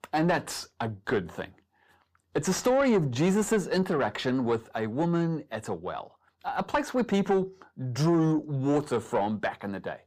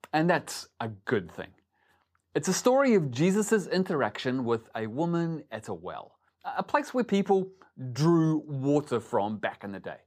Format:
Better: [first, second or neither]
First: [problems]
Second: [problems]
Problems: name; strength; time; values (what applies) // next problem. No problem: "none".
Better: second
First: distortion; slight; 10 dB below the speech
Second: none